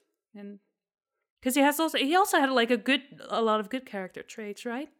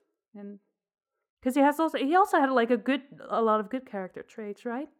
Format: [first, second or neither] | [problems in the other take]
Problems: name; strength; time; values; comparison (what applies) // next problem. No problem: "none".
first | muffled; slightly; fading above 1.5 kHz